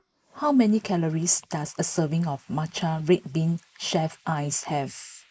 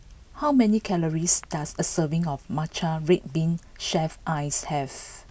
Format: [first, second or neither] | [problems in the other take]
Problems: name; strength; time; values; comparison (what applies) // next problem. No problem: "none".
second | noise reduction (neural mask model Resemble Enhance denoiser)